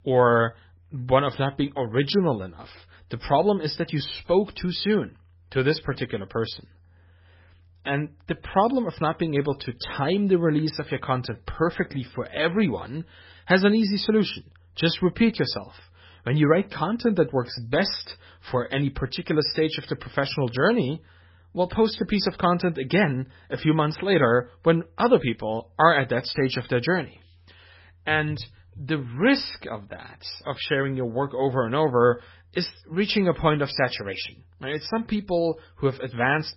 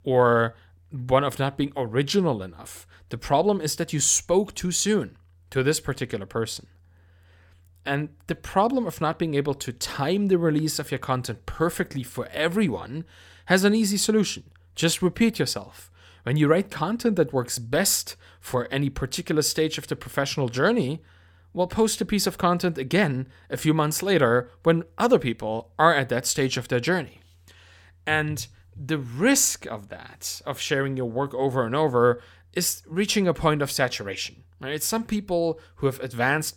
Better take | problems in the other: second | garbled, watery; badly; nothing above 5.5 kHz

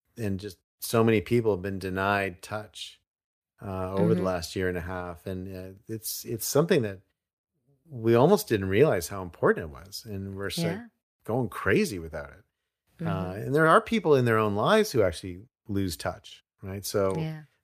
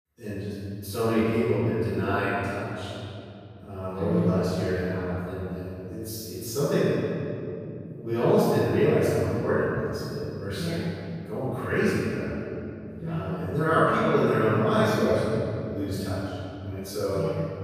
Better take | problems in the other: first | off-mic speech; far // room echo; strong; dies away in 3 s

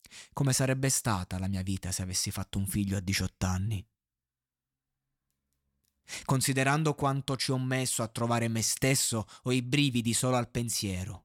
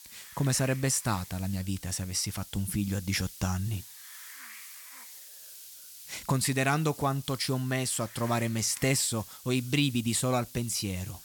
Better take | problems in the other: first | hiss; noticeable; throughout; 15 dB below the speech

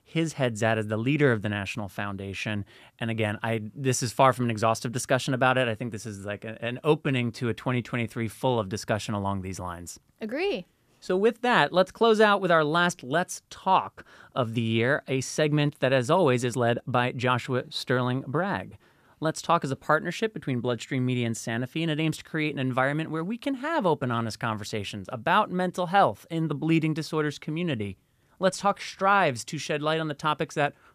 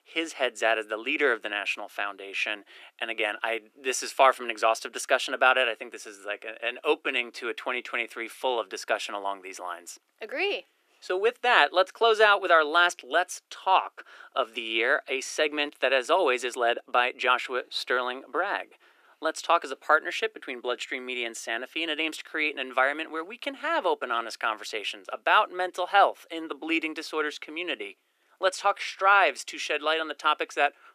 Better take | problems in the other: first | thin; very; fading below 350 Hz

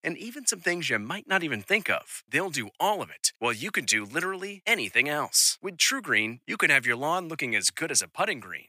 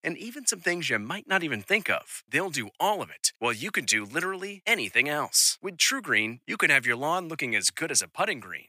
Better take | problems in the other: neither | thin; somewhat; fading below 950 Hz; the same in both

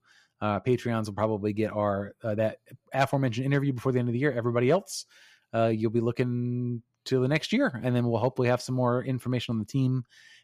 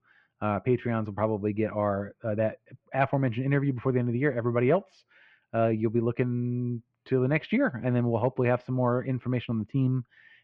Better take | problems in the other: first | muffled; very; fading above 2.5 kHz

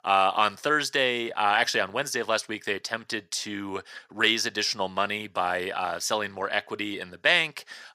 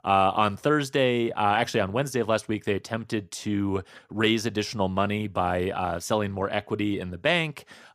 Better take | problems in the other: second | thin; somewhat; fading below 900 Hz

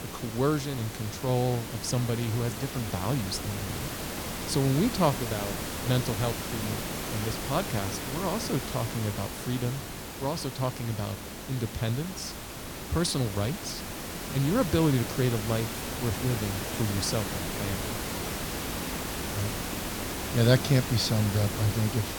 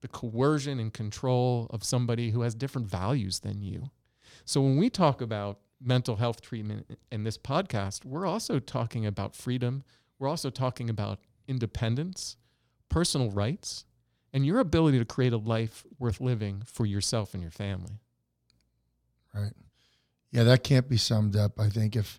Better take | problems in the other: second | hiss; loud; throughout; 4 dB below the speech

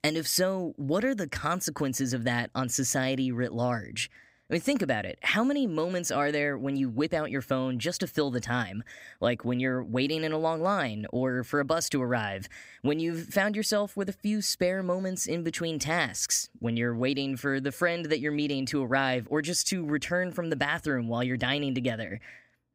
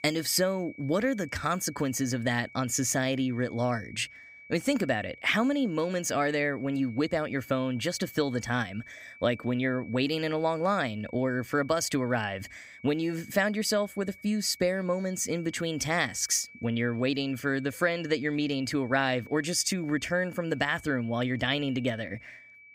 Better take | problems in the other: first | high-pitched whine; faint; throughout; 2.5 kHz, 20 dB below the speech

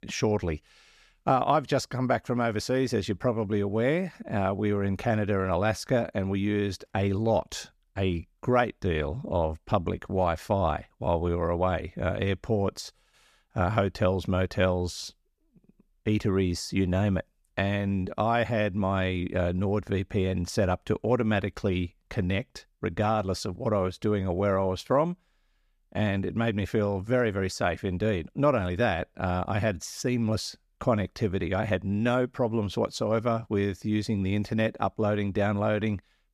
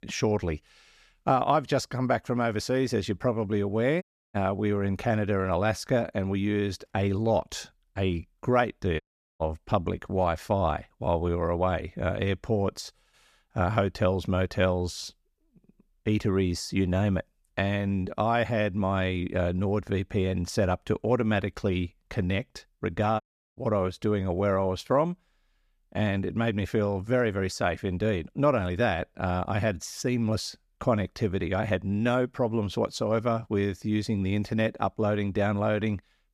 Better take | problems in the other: first | audio cutting out; at 4 s, at 9 s and at 23 s

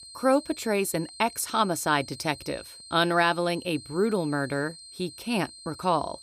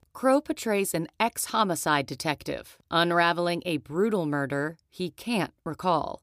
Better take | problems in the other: second | high-pitched whine; noticeable; throughout; 4 kHz, 15 dB below the speech

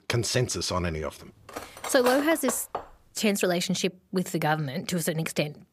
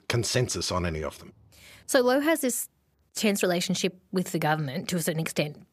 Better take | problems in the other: second | clattering dishes; noticeable; from 1.5 to 3 s; peak 4 dB below the speech

